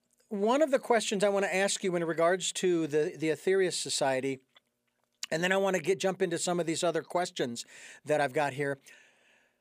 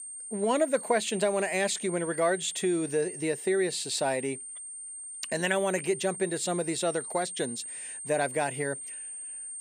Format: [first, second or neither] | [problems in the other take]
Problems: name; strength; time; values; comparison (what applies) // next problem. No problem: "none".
first | high-pitched whine; loud; throughout; 8.5 kHz, 8 dB below the speech